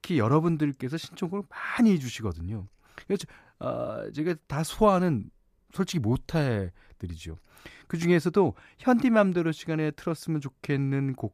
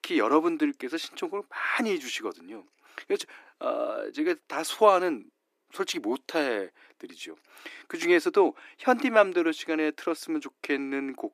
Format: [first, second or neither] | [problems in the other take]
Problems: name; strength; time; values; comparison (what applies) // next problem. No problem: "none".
first | thin; somewhat; fading below 300 Hz